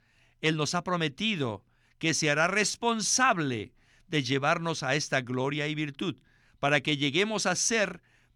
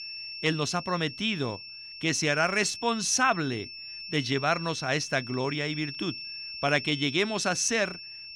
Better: first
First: none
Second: high-pitched whine; noticeable; throughout; 5.5 kHz, 10 dB below the speech

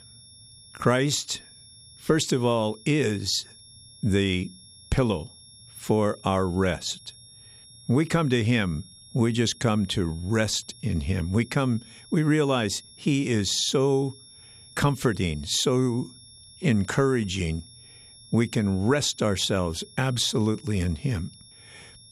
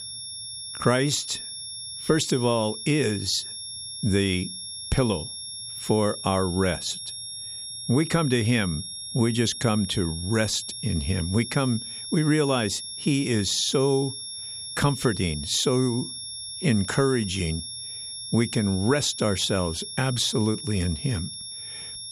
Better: first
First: high-pitched whine; faint; throughout; 10.5 kHz, 20 dB below the speech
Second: high-pitched whine; loud; throughout; 10.5 kHz, 8 dB below the speech

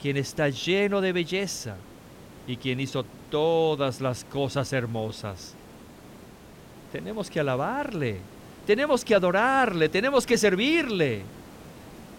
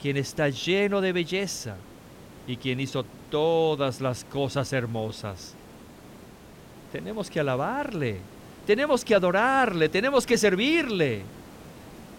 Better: neither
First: hiss; faint; throughout; 20 dB below the speech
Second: hiss; faint; throughout; 20 dB below the speech

